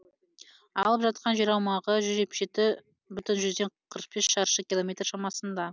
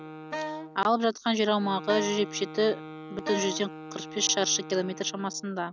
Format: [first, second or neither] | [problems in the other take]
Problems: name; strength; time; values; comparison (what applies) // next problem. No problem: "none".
first | background sound (Wind instrument, woodwind instrument + Wind instrument, woodwind instrument); 10 dB below the speech